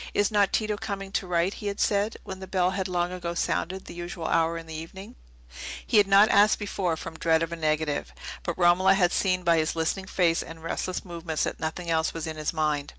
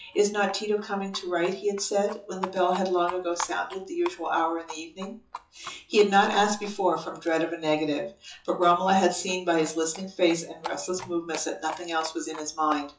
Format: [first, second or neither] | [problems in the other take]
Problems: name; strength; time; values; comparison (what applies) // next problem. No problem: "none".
first | noise reduction (classical method WPE with log-MMSE)